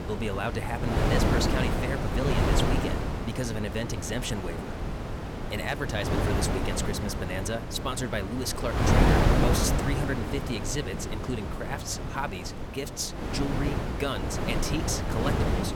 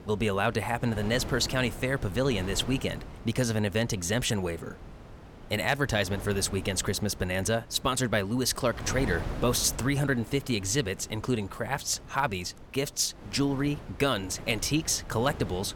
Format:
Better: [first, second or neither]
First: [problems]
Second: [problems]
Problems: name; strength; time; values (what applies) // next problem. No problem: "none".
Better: second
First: wind noise on the microphone; heavy; 1 dB above the speech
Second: wind noise on the microphone; occasional gusts; 15 dB below the speech